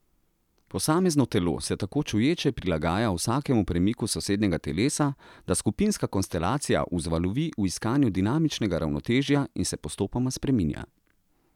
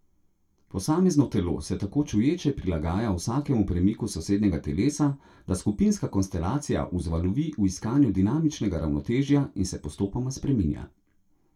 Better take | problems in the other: first | room echo; dies away in 0.2 s

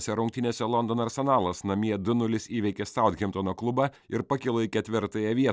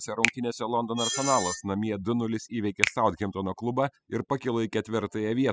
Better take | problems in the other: first | noise reduction (classical method spectral subtraction)

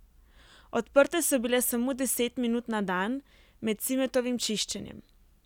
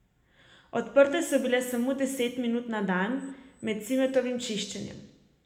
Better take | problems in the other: first | room echo; dies away in 0.9 s

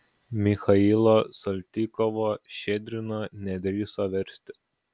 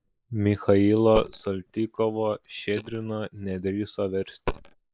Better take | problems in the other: first | noise reduction (neural mask model Resemble Enhance denoiser)

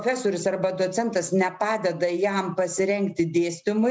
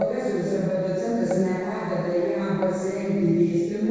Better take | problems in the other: first | background sound (Keyboard (musical)); 11 dB below the speech // room echo; dies away in 2 s

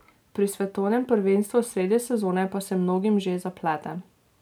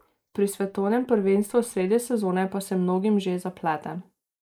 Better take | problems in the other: first | noise reduction (neural mask model Resemble Enhance denoiser)

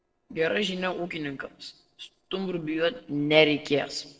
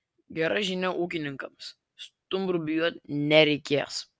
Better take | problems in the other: second | noise reduction (neural separator model SepFormer DNS4)

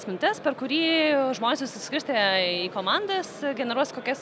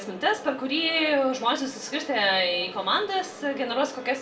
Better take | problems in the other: first | room echo; dies away in 0.3 s

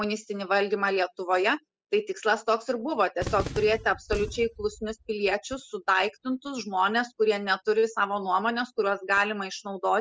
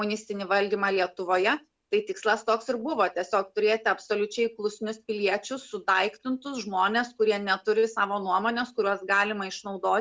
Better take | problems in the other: second | noise reduction (classical method spectral subtraction)

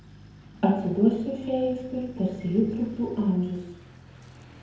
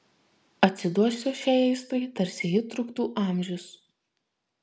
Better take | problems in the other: second | background sound (Truck); 19 dB below the speech // room echo; dies away in 0.9 s

